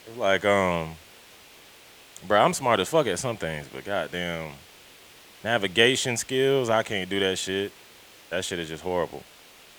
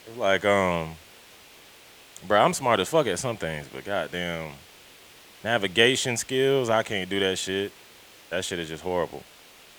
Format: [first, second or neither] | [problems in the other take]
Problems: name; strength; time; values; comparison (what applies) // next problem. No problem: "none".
neither | hiss; faint; throughout; 25 dB below the speech; the same in both